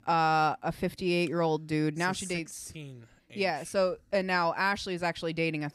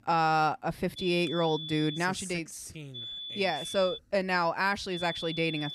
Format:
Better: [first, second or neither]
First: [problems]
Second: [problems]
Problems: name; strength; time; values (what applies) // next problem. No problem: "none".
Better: first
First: none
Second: high-pitched whine; loud; from 1 to 2 s, from 3 to 4 s and at 5 s; 3.5 kHz, 9 dB below the speech